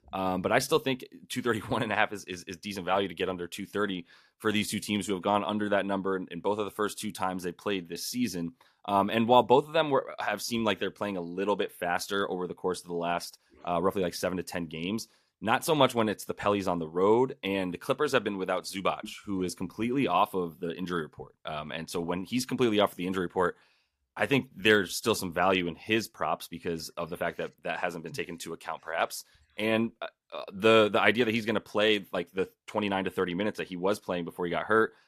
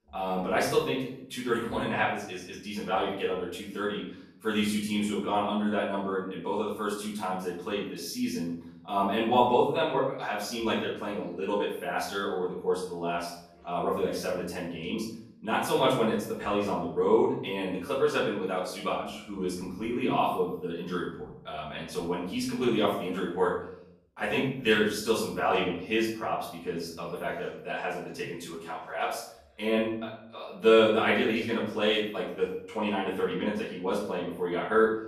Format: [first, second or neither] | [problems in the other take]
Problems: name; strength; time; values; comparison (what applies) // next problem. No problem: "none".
first | off-mic speech; far // room echo; noticeable; dies away in 0.6 s